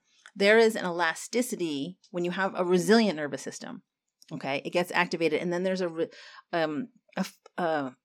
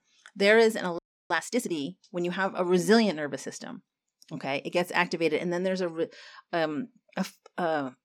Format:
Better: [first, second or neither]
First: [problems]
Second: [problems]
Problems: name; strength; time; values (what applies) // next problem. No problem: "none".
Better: first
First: none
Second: audio freezing; at 1 s